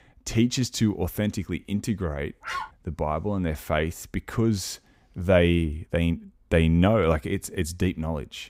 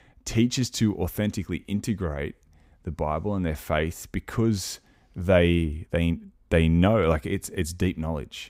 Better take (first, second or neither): second